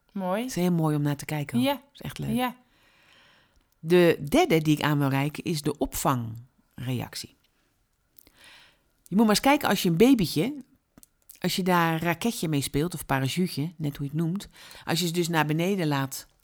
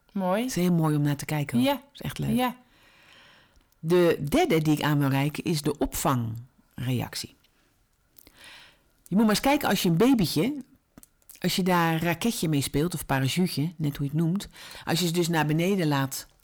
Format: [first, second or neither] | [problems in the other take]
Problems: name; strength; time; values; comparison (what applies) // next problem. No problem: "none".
first | distortion; slight; 10 dB below the speech